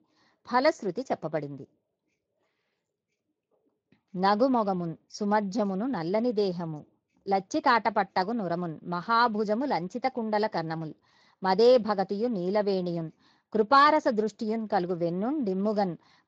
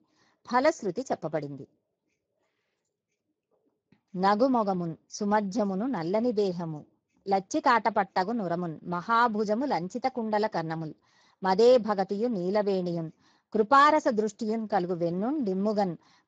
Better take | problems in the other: first | garbled, watery; badly; slightly in the first

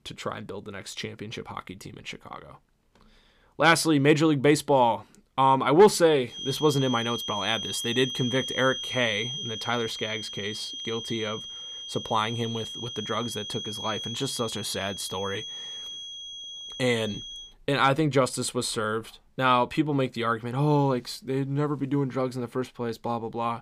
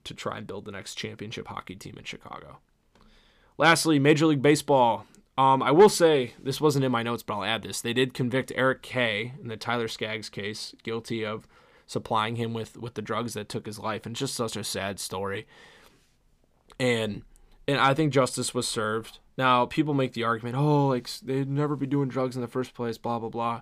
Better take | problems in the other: second | high-pitched whine; loud; from 6.5 to 17 s; 3 kHz, 8 dB below the speech

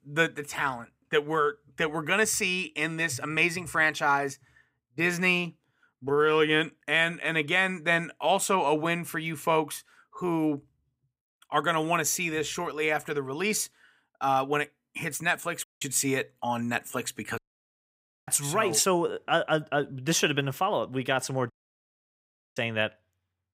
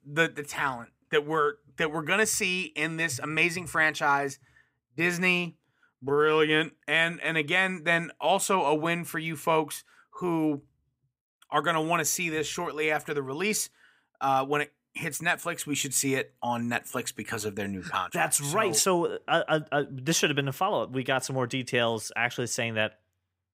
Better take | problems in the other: second | audio cutting out; at 16 s, at 17 s for 1 s and at 22 s for 1 s

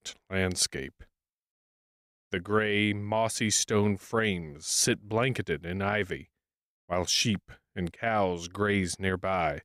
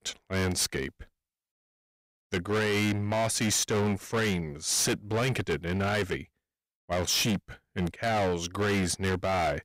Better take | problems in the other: first | distortion; heavy; 18% of the sound clipped

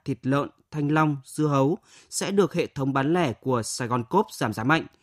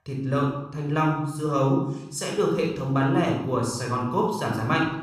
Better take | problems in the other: first | off-mic speech; somewhat distant // room echo; noticeable; dies away in 0.7 s

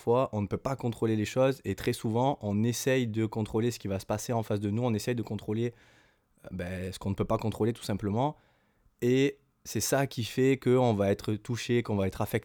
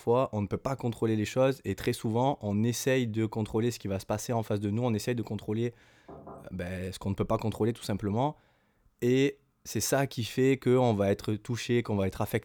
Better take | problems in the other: first | door banging; faint; at 6 s; peak 15 dB below the speech

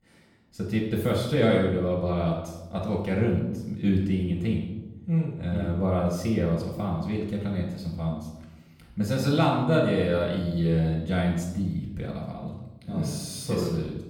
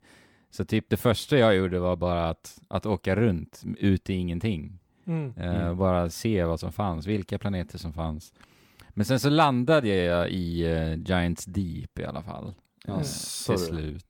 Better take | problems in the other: second | off-mic speech; far // room echo; noticeable; dies away in 0.9 s

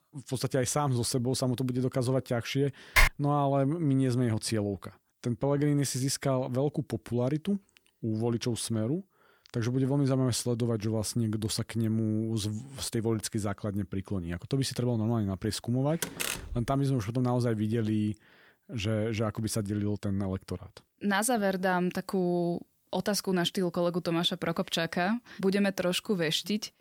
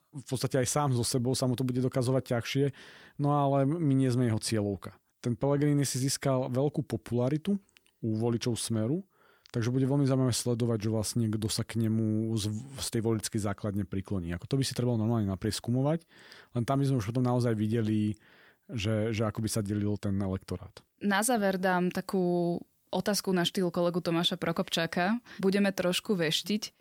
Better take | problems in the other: second | keyboard typing; loud; at 3 s; peak 6 dB above the speech // door banging; noticeable; at 16 s; peak 2 dB below the speech

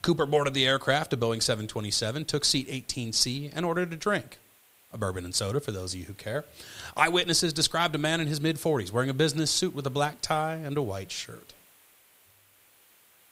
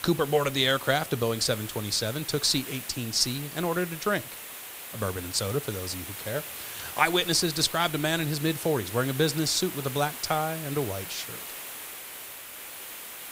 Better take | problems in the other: first | hiss; loud; throughout; 10 dB below the speech; faint in the first

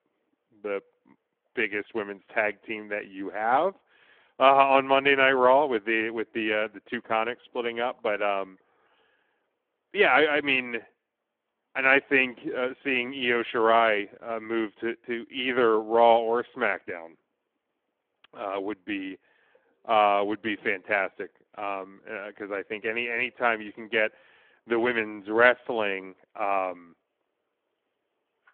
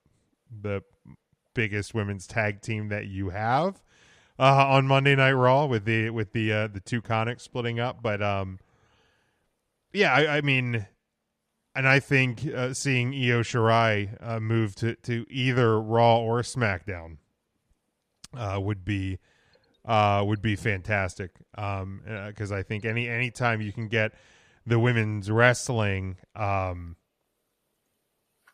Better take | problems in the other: second | phone-call audio

